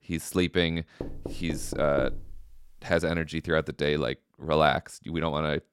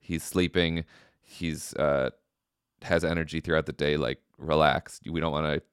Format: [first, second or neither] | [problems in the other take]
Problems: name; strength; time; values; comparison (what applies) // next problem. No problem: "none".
second | door banging; noticeable; from 1 to 2.5 s; peak 9 dB below the speech